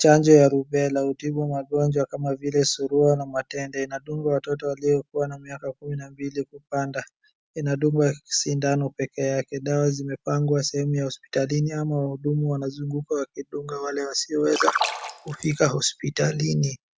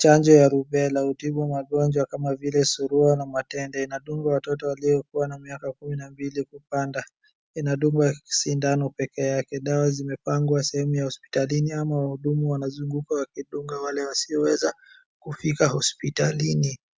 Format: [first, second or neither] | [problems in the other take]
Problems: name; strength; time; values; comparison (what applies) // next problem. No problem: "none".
second | background sound (Splash, splatter); 3 dB below the speech